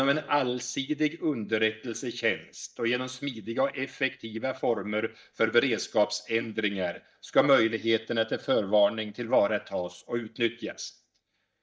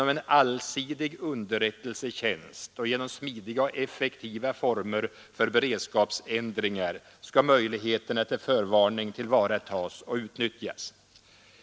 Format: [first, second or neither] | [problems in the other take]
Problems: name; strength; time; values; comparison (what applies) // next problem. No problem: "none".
second | noise reduction (neural mask model DeepFilterNet 3)